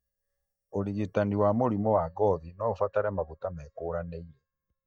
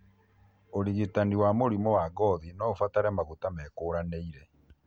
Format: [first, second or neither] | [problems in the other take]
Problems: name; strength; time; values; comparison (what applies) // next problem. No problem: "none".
second | noise reduction (neural mask model DeepFilterNet 3)